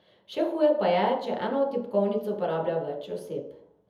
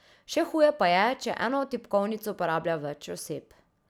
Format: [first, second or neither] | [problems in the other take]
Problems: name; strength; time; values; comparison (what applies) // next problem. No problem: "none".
second | room echo; dies away in 0.7 s